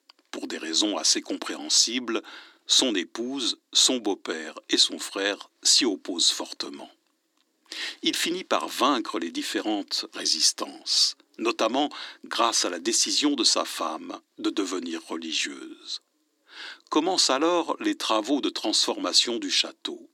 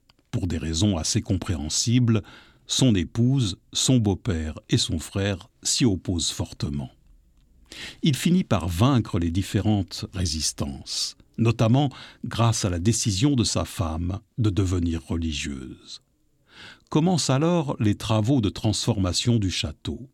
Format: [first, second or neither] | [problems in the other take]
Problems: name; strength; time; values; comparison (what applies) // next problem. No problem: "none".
second | thin; somewhat; fading below 300 Hz